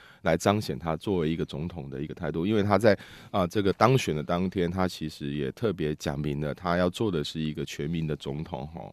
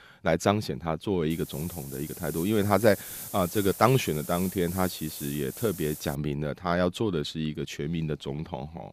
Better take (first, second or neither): first